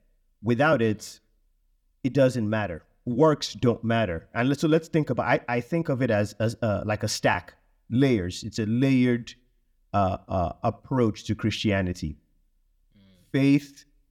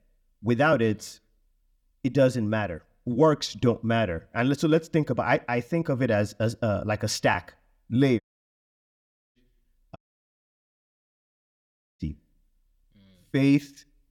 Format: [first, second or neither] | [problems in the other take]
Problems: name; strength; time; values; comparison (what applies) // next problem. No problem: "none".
first | audio cutting out; at 8 s for 1 s and at 10 s for 2 s